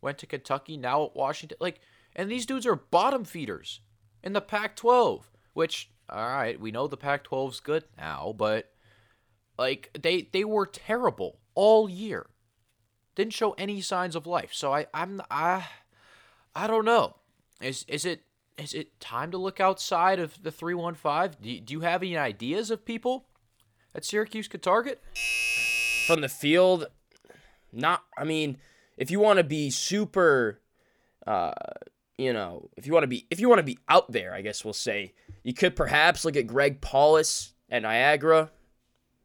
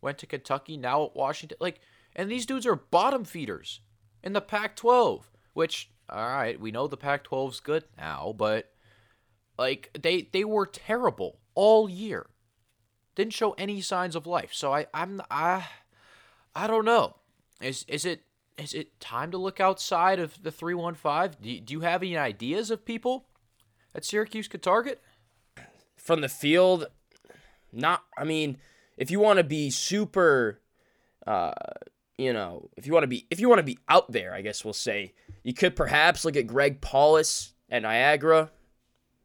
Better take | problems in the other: second | doorbell; loud; from 25 to 26 s; peak 3 dB above the speech

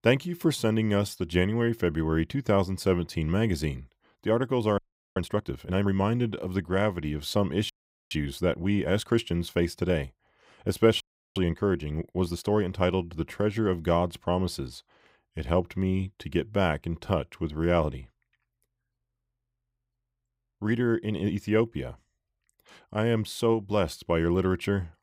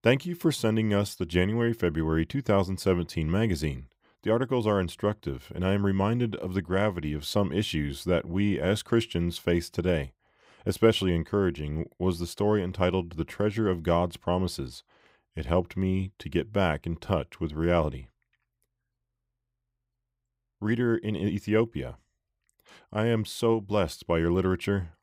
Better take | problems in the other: second | audio freezing; at 5 s, at 7.5 s and at 11 s

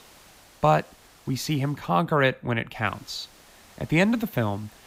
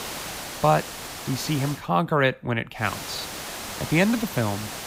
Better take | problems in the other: first | hiss; loud; until 2 s and from 3 s on; 9 dB below the speech; faint in the first

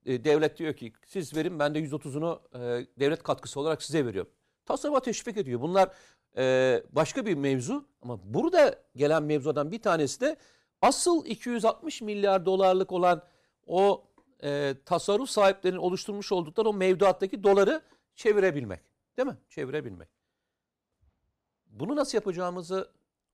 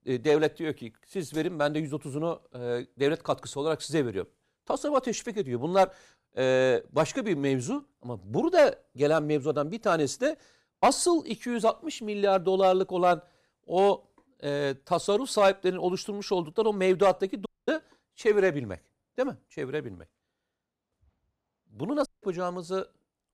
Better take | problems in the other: first | audio cutting out; at 17 s and at 22 s

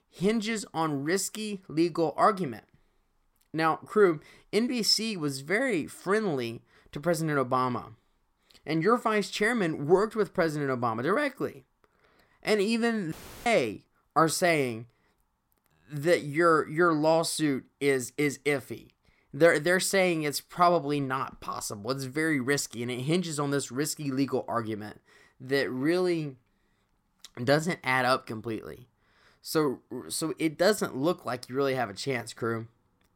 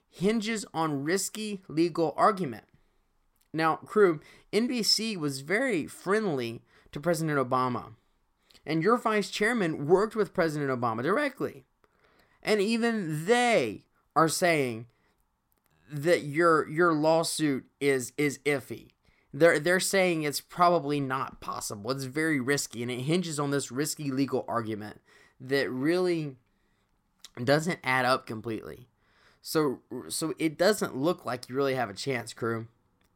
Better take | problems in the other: second | audio cutting out; filled with static; at 13 s

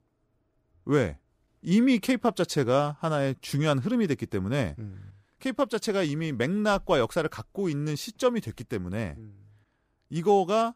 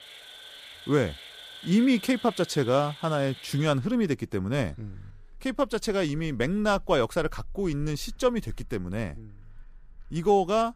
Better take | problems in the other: first | animal sounds; noticeable; throughout; 20 dB below the speech

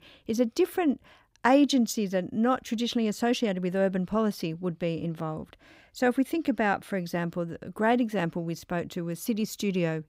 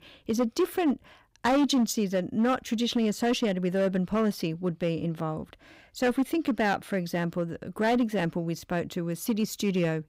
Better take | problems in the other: first | distortion; slight; 6% of the sound clipped

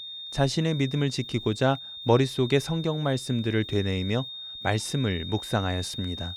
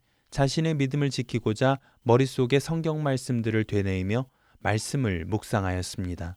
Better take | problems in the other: second | high-pitched whine; loud; throughout; 3.5 kHz, 10 dB below the speech

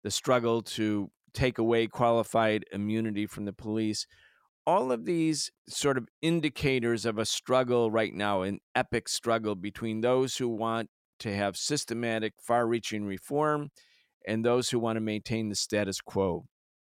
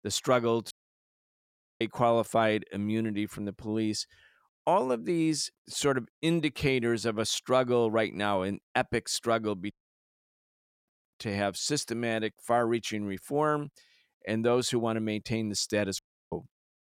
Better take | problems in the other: first | audio cutting out; at 0.5 s for 1 s, at 9.5 s for 1 s and at 16 s

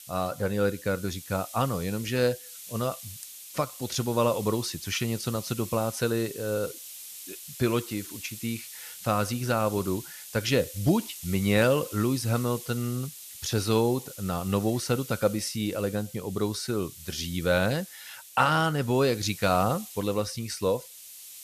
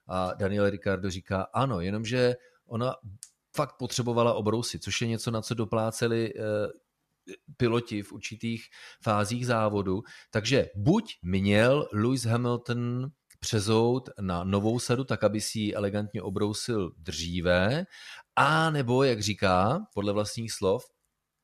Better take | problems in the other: second | hiss; noticeable; throughout; 15 dB below the speech

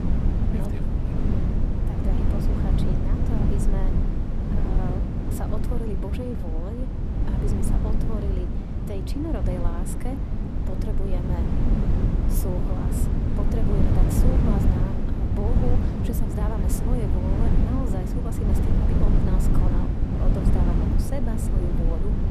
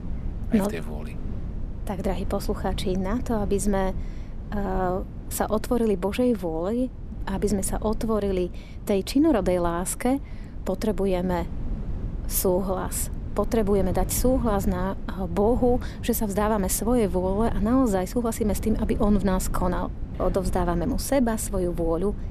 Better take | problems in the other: second | wind noise on the microphone; heavy; 3 dB above the speech; occasional gusts in the second

